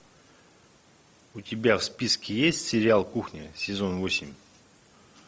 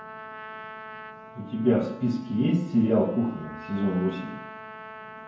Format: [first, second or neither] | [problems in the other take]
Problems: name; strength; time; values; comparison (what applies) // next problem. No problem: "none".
first | background sound (Trumpet); 15 dB below the speech // room echo; dies away in 0.9 s